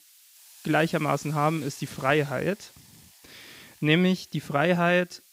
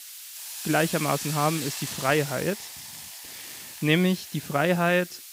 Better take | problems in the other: first | hiss; loud; throughout; 9 dB below the speech; faint in the first

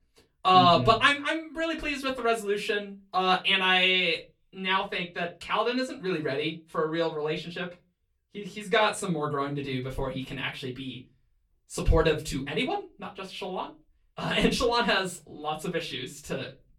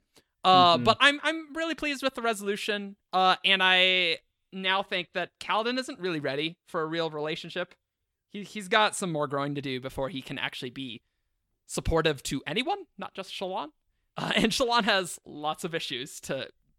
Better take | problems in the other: second | off-mic speech; far // room echo; very slight; dies away in 0.2 s

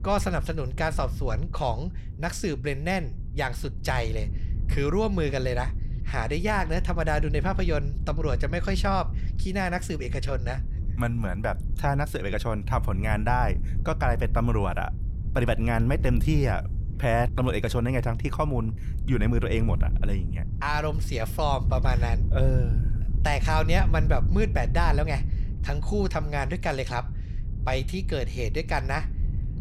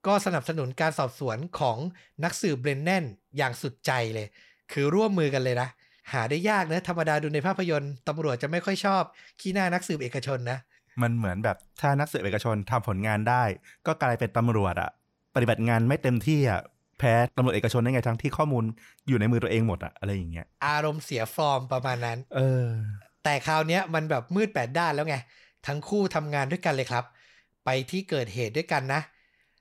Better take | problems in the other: second | wind noise on the microphone; occasional gusts; 15 dB below the speech

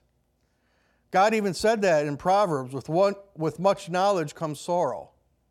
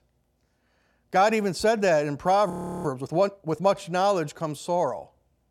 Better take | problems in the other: first | audio freezing; at 2.5 s

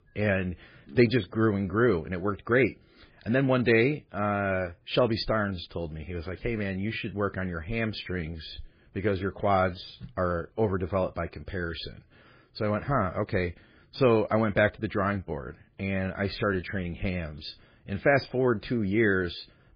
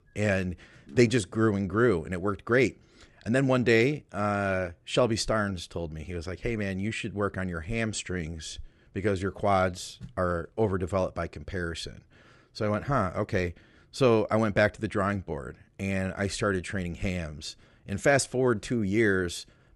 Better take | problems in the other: second | garbled, watery; badly; nothing above 5 kHz

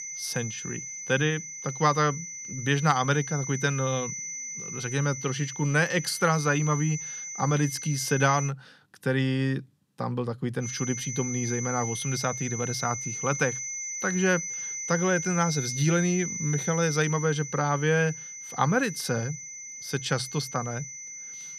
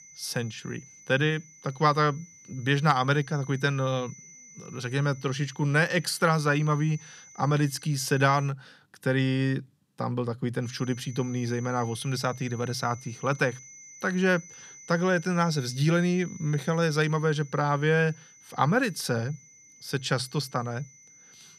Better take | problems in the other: second | high-pitched whine; loud; until 8.5 s and from 11 s on; 6 kHz, 6 dB below the speech; faint in the second

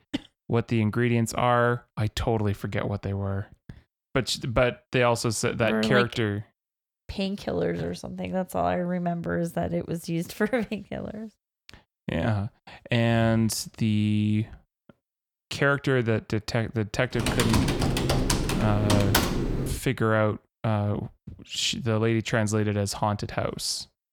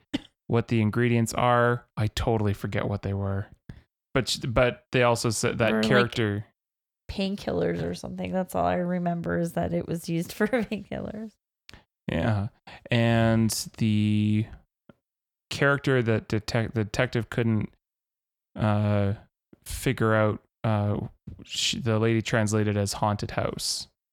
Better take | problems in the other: second | keyboard typing; loud; from 17 to 20 s; peak 3 dB above the speech

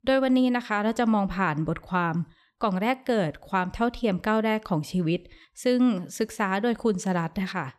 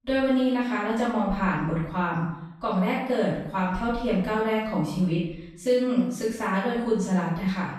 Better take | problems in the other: first | off-mic speech; far // room echo; noticeable; dies away in 0.7 s

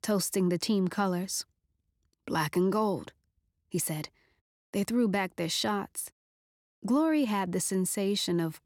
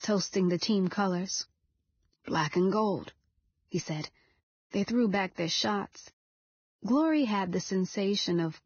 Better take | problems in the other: first | garbled, watery; badly; nothing above 6.5 kHz

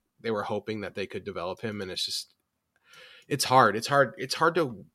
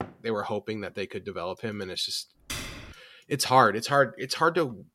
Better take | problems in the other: first | door banging; faint; at the start; peak 15 dB below the speech // keyboard typing; noticeable; at 2.5 s; peak 8 dB below the speech

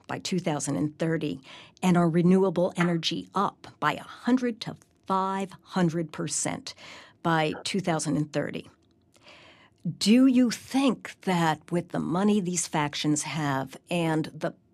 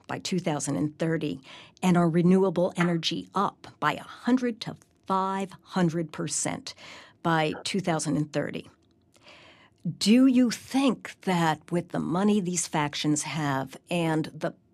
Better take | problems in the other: neither | none

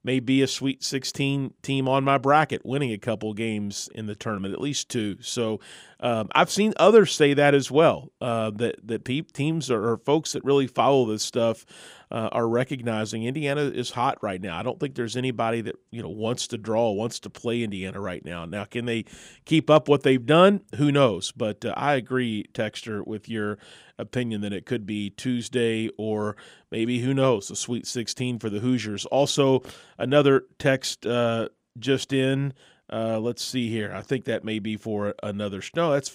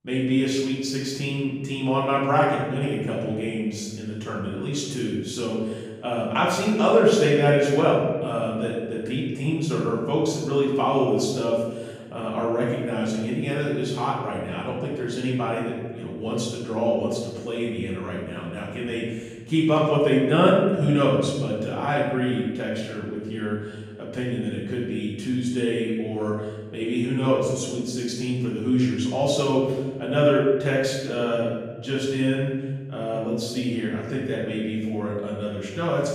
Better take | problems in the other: first | room echo; noticeable; dies away in 1.3 s // off-mic speech; far

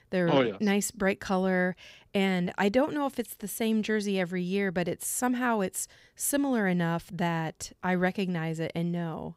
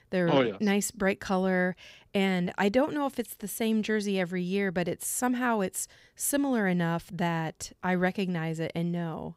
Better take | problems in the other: neither | none

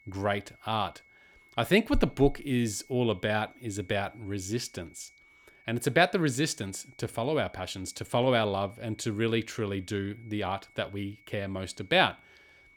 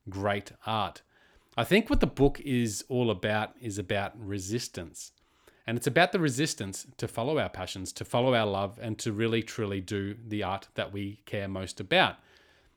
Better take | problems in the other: second | high-pitched whine; faint; throughout; 2 kHz, 30 dB below the speech

